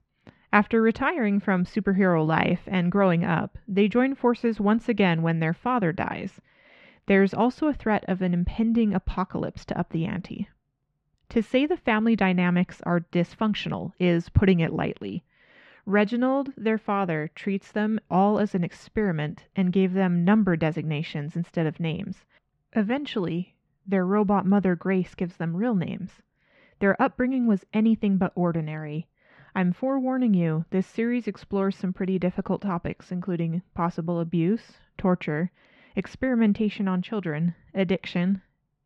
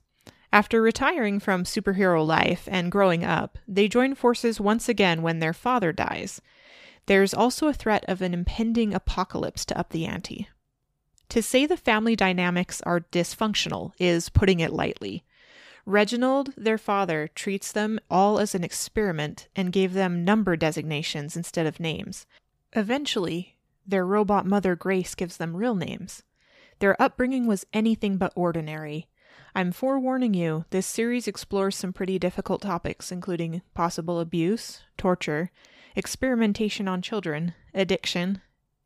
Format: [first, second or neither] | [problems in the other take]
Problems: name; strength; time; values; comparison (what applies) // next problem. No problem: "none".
second | muffled; slightly; fading above 2 kHz